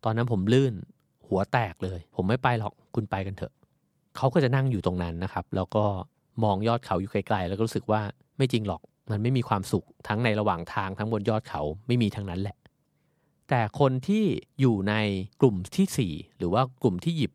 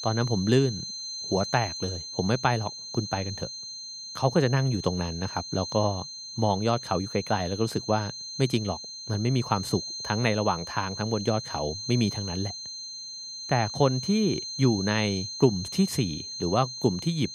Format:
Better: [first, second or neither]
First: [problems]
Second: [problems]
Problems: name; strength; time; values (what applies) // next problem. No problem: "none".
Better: first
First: none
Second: high-pitched whine; loud; throughout; 4 kHz, 7 dB below the speech